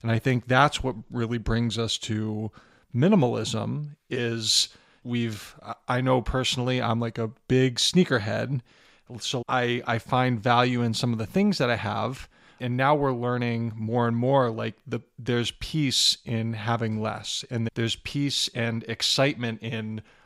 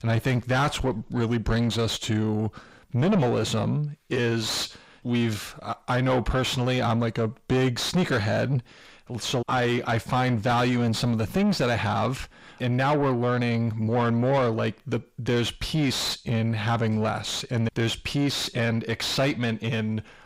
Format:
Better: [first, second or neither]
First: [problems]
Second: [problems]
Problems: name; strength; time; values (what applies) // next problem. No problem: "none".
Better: first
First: none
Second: distortion; heavy; 6 dB below the speech